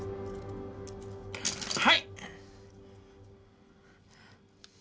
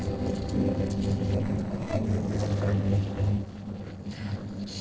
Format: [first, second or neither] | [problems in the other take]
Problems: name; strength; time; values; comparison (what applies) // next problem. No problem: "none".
first | noise reduction (neural separator model SepFormer DNS4)